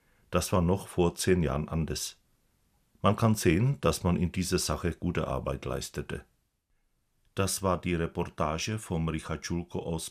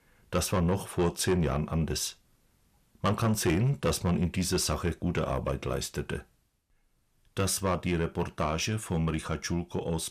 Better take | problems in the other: first | distortion; slight; 10 dB below the speech

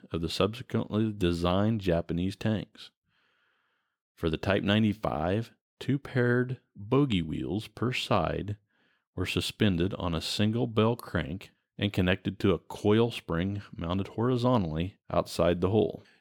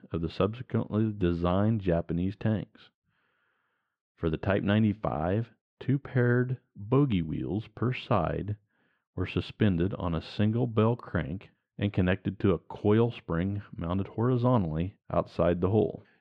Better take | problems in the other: first | muffled; slightly; fading above 2 kHz

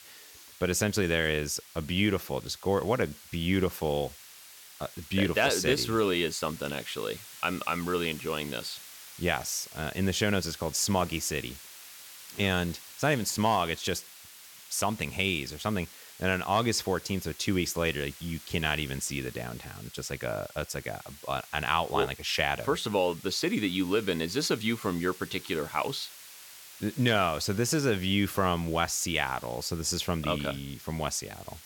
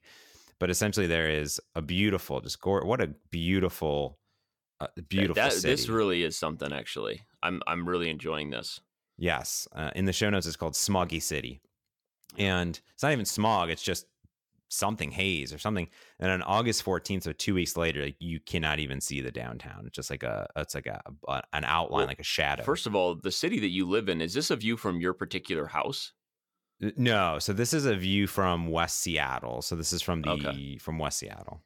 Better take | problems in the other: second | hiss; noticeable; throughout; 15 dB below the speech

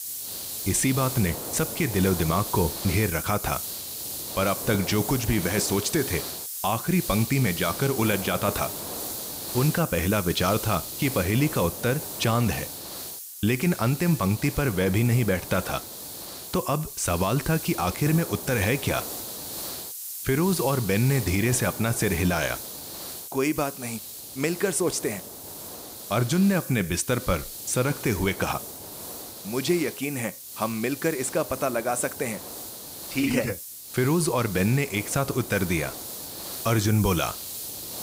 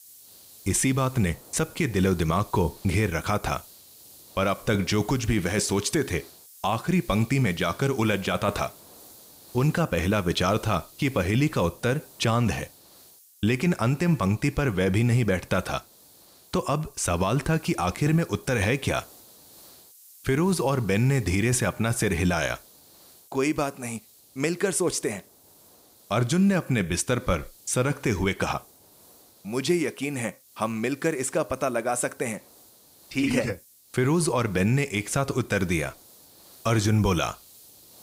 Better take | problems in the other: second | hiss; loud; throughout; 8 dB below the speech; faint in the second

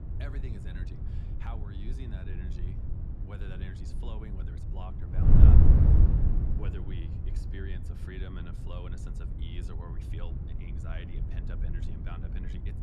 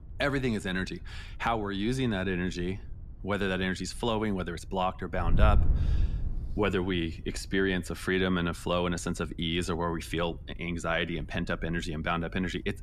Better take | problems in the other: second | wind noise on the microphone; heavy; 5 dB above the speech; occasional gusts in the second

